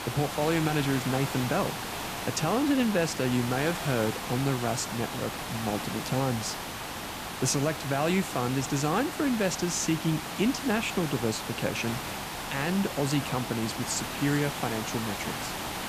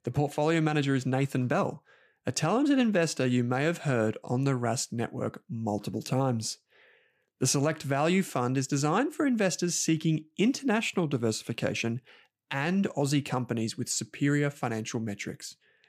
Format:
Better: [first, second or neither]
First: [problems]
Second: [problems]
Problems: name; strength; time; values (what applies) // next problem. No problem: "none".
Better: second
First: hiss; loud; throughout; 5 dB below the speech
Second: none